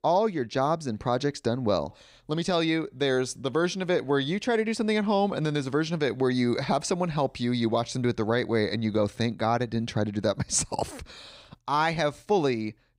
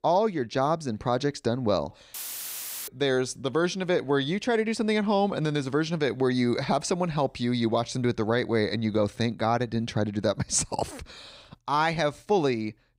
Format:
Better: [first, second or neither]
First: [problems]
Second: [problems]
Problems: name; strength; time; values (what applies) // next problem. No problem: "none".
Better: first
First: none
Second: audio cutting out; filled with static; at 2 s for 0.5 s